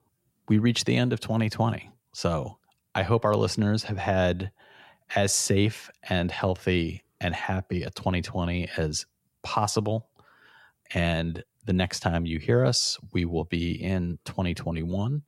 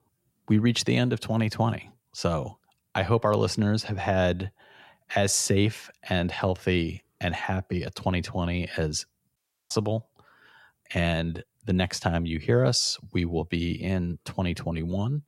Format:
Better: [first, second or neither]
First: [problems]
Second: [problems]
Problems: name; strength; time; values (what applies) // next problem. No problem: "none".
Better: first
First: none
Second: audio cutting out; at 9.5 s